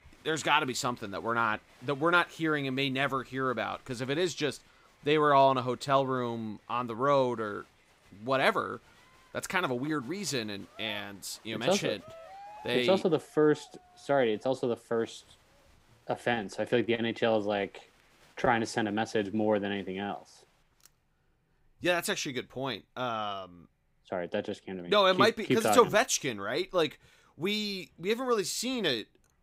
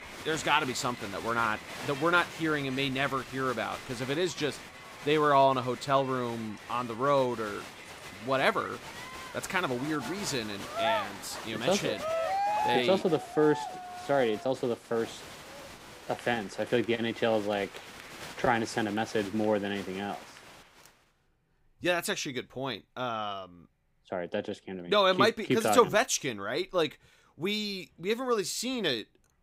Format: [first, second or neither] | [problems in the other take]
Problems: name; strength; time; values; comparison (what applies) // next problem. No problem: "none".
first | crowd noise; loud; until 21 s; 10 dB below the speech; faint in the first